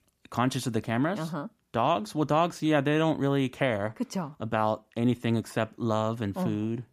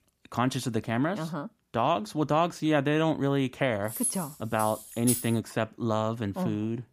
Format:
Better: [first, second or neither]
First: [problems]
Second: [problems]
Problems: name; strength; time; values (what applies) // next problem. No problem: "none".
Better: first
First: none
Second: jangling keys; noticeable; from 4 to 5.5 s; peak 1 dB below the speech